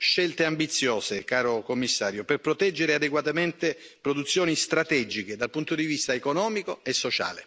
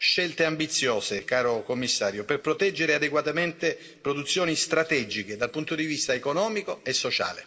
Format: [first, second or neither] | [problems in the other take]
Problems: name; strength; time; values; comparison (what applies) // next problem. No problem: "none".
first | room echo; dies away in 1.6 s